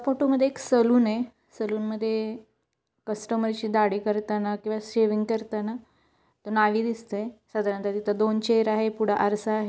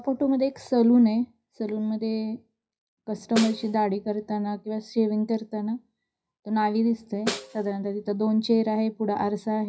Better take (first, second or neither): first